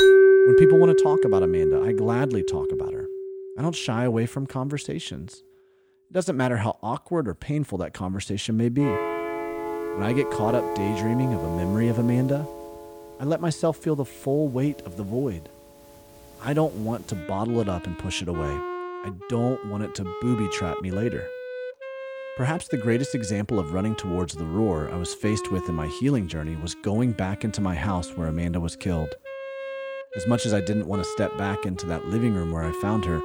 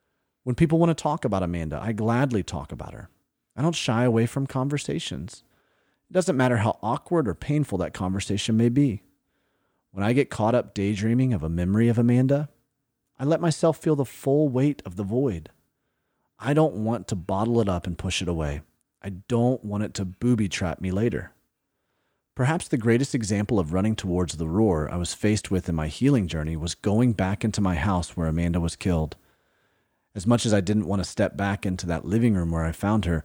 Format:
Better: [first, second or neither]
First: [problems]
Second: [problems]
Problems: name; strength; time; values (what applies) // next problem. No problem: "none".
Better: second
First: background music; very loud; throughout; 1 dB above the speech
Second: none